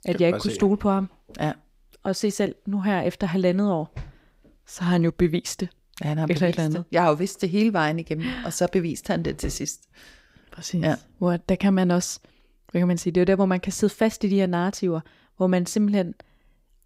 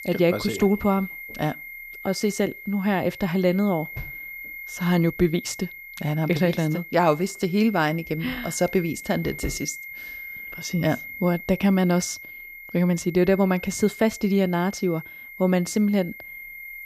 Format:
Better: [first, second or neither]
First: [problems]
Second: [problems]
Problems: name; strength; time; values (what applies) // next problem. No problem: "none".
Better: first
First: none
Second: high-pitched whine; noticeable; throughout; 2 kHz, 15 dB below the speech